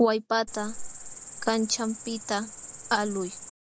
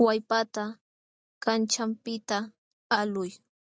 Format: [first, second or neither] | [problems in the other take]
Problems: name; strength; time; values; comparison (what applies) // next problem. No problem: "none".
second | background sound (Cricket); 10 dB below the speech